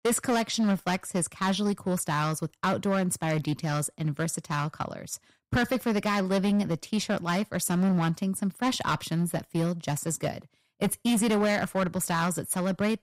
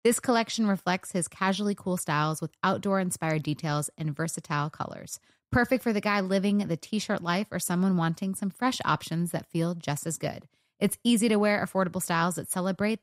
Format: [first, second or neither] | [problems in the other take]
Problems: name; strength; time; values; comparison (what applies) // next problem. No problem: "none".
second | distortion; slight; 9% of the sound clipped